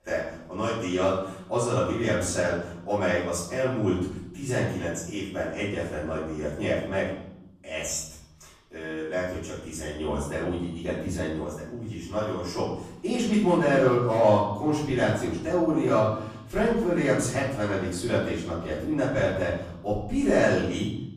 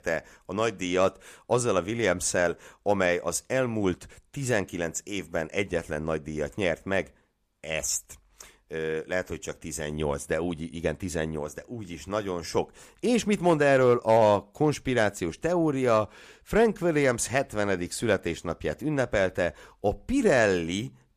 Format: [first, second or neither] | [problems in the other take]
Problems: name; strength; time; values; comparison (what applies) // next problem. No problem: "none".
second | off-mic speech; far // room echo; noticeable; dies away in 0.9 s